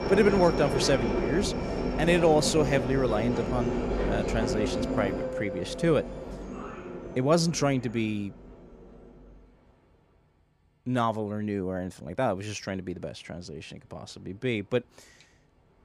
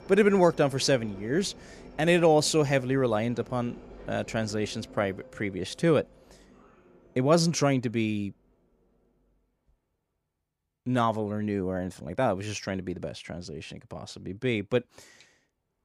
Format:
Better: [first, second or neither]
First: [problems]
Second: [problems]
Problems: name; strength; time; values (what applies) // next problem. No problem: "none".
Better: second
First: train or aircraft noise; loud; throughout; 3 dB below the speech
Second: train or aircraft noise; faint; throughout; 20 dB below the speech